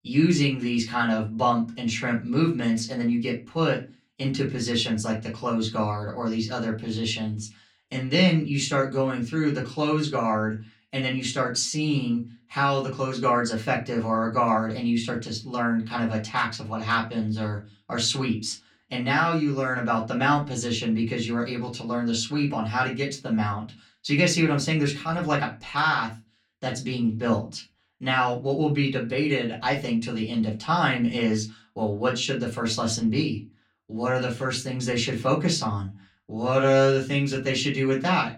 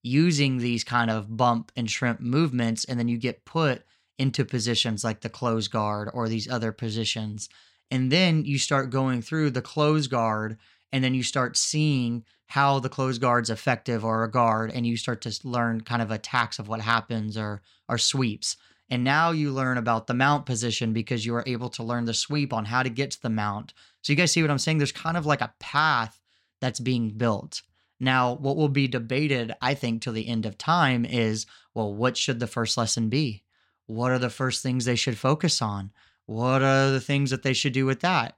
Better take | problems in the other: second | off-mic speech; far // room echo; very slight; dies away in 0.2 s

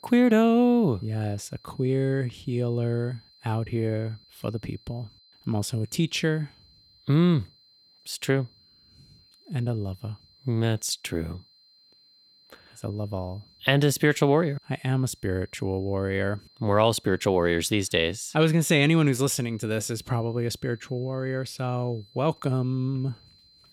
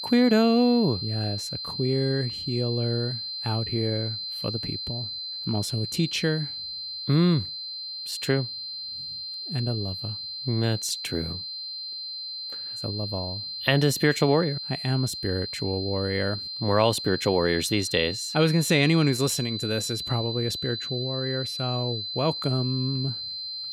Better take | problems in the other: first | high-pitched whine; loud; throughout; 4 kHz, 5 dB below the speech; faint in the first

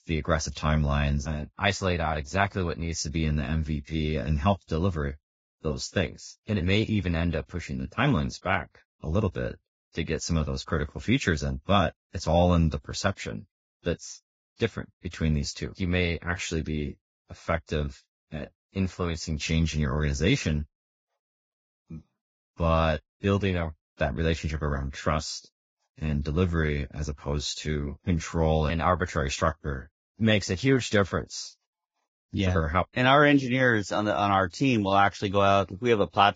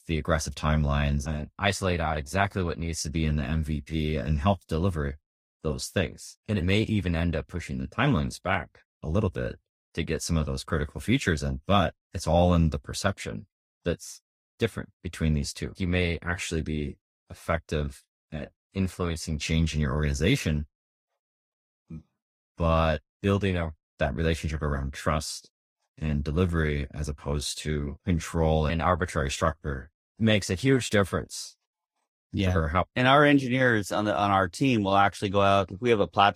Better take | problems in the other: second | garbled, watery; badly; nothing above 7.5 kHz; slightly in the second

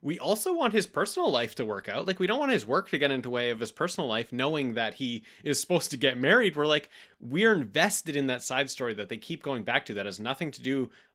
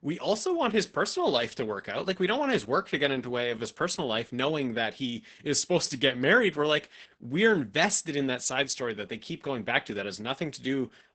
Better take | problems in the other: first | garbled, watery; badly; nothing above 8 kHz; slightly in the first

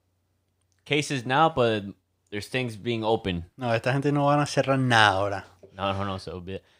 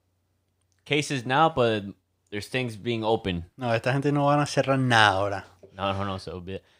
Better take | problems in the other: neither | none

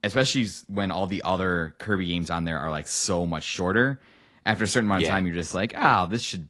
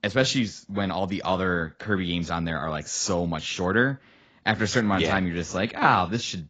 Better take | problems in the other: first | garbled, watery; badly; nothing above 7.5 kHz; slightly in the first

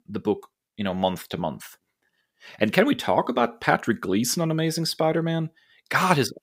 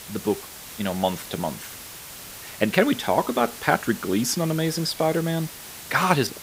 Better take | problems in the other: first | hiss; noticeable; throughout; 15 dB below the speech

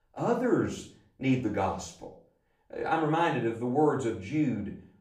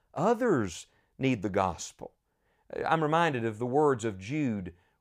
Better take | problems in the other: second | off-mic speech; far // room echo; slight; dies away in 0.4 s

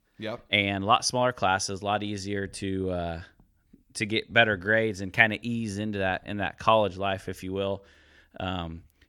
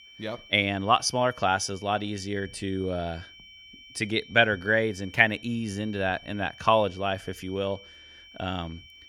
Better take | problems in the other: first | high-pitched whine; faint; throughout; 3 kHz, 20 dB below the speech

